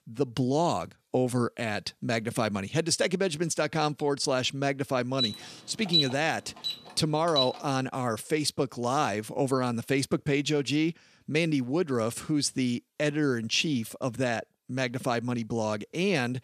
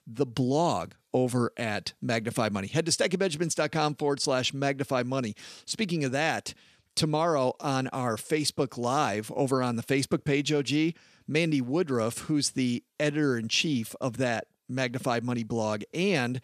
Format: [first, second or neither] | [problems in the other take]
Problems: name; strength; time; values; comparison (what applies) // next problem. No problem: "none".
second | alarm; loud; from 5 to 7.5 s; peak 4 dB above the speech